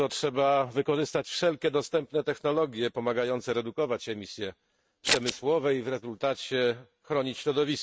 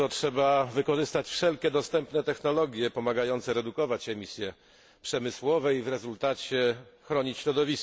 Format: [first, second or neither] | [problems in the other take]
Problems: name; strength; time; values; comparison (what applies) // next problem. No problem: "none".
second | noise reduction (neural mask model RNNoise)